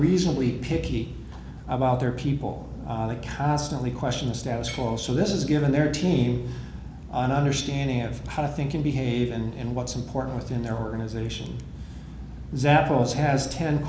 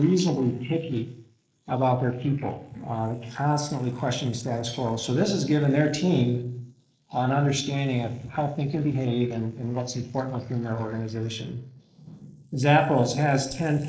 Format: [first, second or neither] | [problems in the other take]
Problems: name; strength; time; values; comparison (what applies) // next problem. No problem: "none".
first | noise reduction (neural mask model Resemble Enhance denoiser)